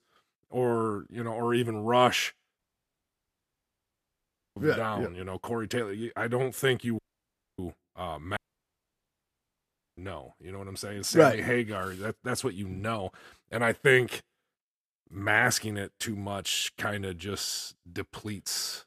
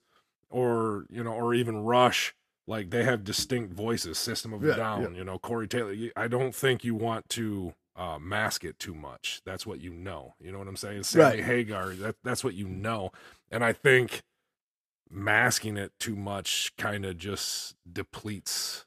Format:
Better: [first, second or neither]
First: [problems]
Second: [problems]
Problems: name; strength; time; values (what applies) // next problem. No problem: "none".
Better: second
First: audio cutting out; at 2.5 s for 2 s, at 7 s for 0.5 s and at 8.5 s for 1.5 s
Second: none